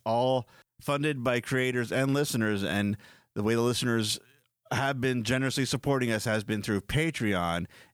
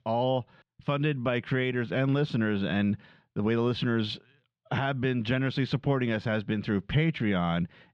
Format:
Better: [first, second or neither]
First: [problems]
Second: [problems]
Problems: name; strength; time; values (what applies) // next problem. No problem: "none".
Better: first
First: none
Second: muffled; slightly; fading above 3.5 kHz